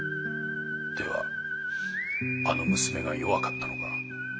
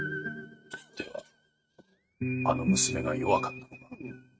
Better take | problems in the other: first | noise reduction (neural mask model RNNoise)

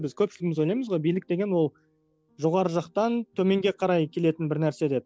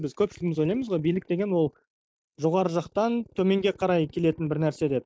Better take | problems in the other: first | noise reduction (neural mask model Resemble Enhance denoiser)

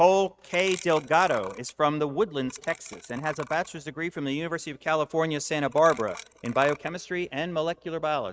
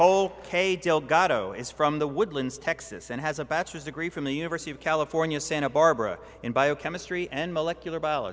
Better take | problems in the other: second | noise reduction (neural mask model RNNoise)

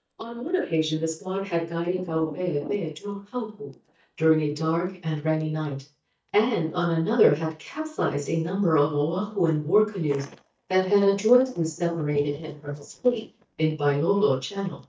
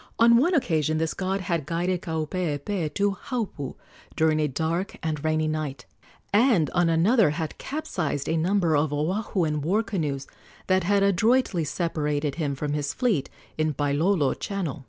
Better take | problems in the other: second | noise reduction (neural mask model DeepFilterNet 3)

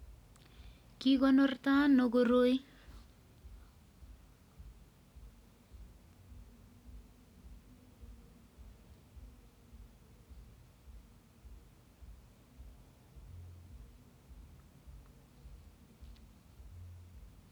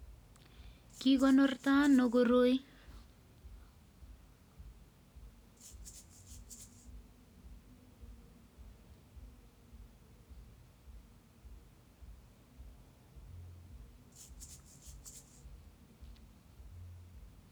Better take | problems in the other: first | background sound (Rattle (instrument)); 20 dB below the speech

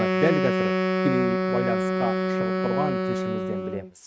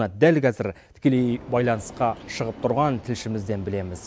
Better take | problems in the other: second | noise reduction (neural mask model RNNoise)

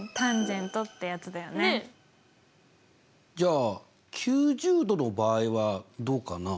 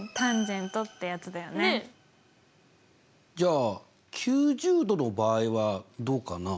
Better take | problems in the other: second | background sound (Brass instrument); 17 dB below the speech

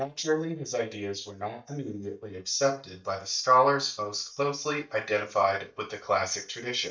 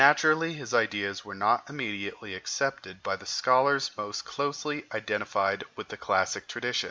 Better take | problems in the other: second | noise reduction (neural mask model DeepFilterNet 3)

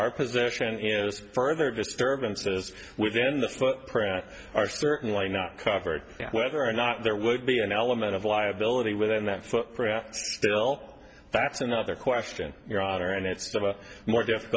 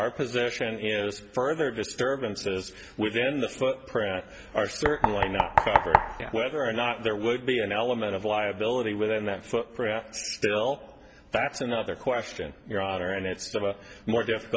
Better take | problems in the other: first | background sound (Knock); 1 dB above the speech

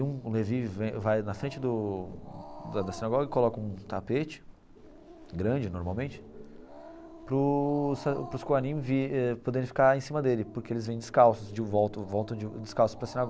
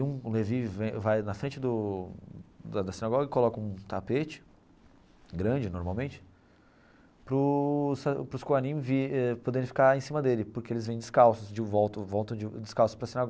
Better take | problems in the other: second | background sound (Growling); 17 dB below the speech

